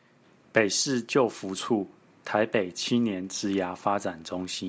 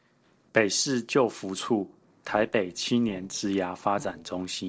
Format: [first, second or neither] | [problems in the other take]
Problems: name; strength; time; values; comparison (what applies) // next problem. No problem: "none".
first | noise reduction (neural separator model SepFormer DNS4)